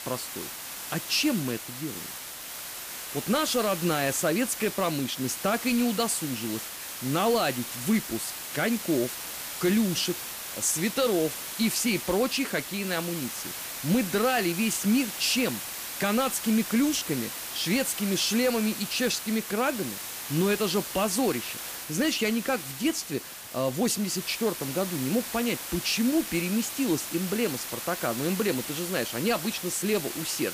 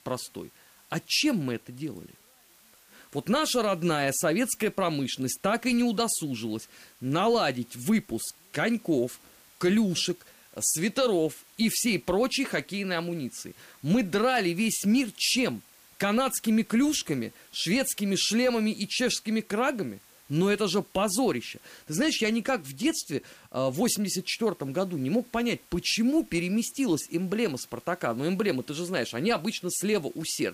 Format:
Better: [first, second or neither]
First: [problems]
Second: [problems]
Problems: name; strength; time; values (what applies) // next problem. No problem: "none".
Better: second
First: hiss; loud; throughout; 7 dB below the speech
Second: hiss; faint; throughout; 25 dB below the speech